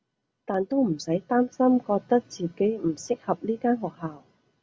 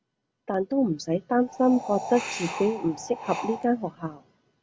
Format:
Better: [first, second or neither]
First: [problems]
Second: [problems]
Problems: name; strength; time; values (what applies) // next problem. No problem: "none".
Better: first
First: none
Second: background sound (Wind); 10 dB below the speech